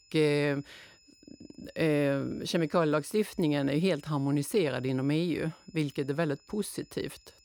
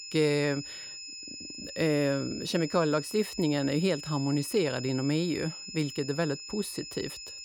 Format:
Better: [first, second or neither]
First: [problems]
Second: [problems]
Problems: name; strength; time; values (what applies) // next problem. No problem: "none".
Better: first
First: high-pitched whine; faint; throughout; 5 kHz, 30 dB below the speech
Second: high-pitched whine; loud; throughout; 5 kHz, 10 dB below the speech